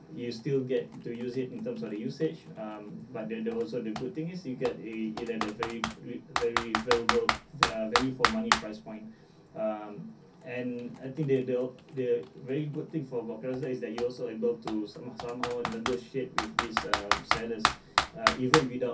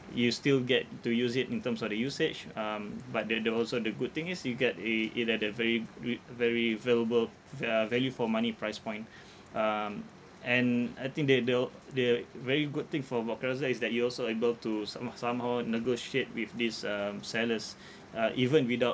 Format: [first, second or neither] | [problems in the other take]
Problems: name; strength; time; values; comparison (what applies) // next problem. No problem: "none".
second | background sound (Computer keyboard); 2 dB below the speech // room echo; dies away in 0.3 s